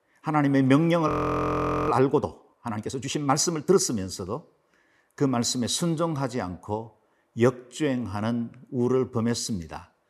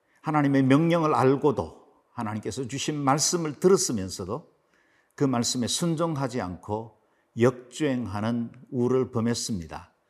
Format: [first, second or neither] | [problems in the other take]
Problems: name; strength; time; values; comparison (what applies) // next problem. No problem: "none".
second | audio freezing; at 1 s for 1 s